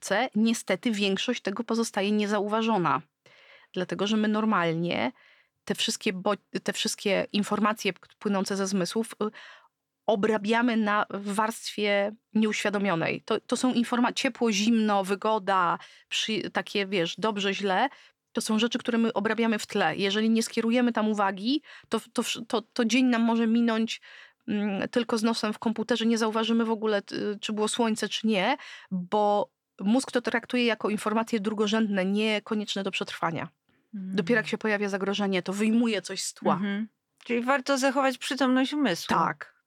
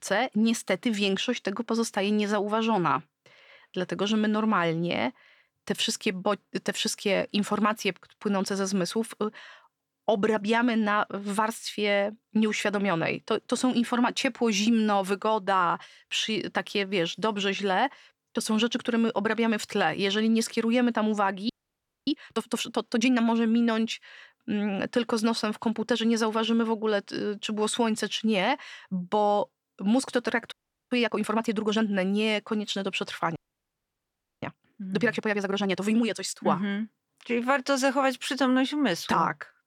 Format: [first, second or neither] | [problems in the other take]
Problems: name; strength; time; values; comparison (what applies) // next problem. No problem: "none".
first | audio freezing; at 22 s for 0.5 s, at 31 s and at 33 s for 1 s